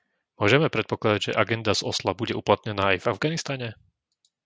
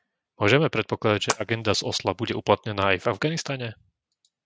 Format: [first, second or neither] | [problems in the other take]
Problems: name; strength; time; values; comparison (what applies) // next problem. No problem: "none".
first | noise reduction (neural mask model RNNoise)